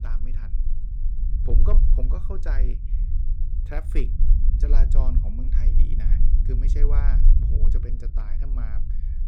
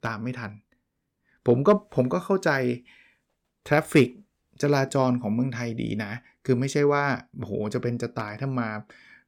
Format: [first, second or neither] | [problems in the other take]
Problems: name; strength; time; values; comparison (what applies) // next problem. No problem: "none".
second | low rumble; loud; throughout; 5 dB below the speech